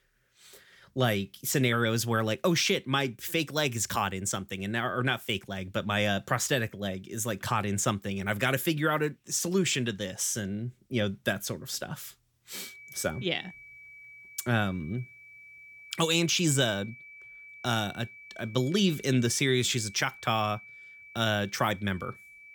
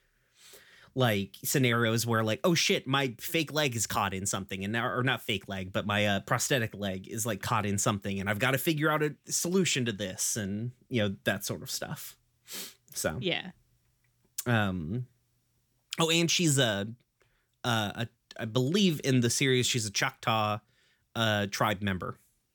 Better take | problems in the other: second | high-pitched whine; noticeable; from 13 s on; 2.5 kHz, 20 dB below the speech

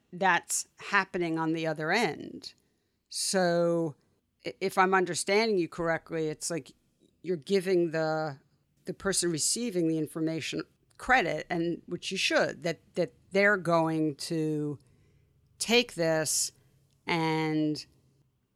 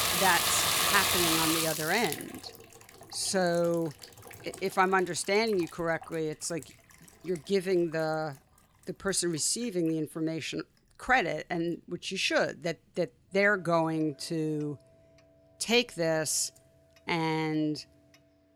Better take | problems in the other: first | household noises; very loud; throughout; 3 dB above the speech

